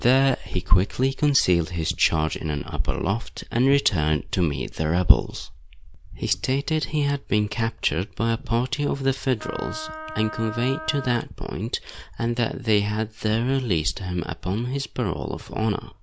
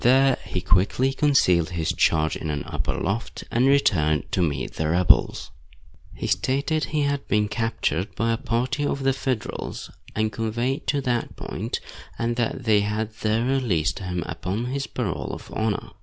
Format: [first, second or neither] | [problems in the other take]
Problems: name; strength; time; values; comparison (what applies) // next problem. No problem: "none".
second | background sound (Wind instrument, woodwind instrument); 13 dB below the speech